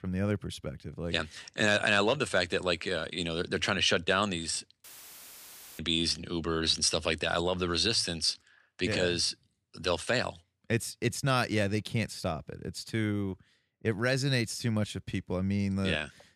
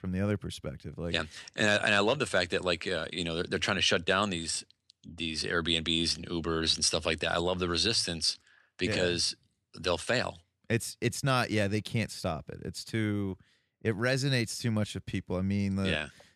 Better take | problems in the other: second | audio cutting out; filled with static; at 5 s for 1 s

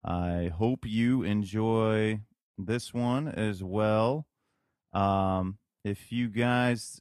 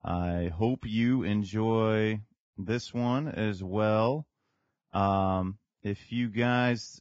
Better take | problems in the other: first | garbled, watery; badly; nothing above 7.5 kHz; slightly in the first

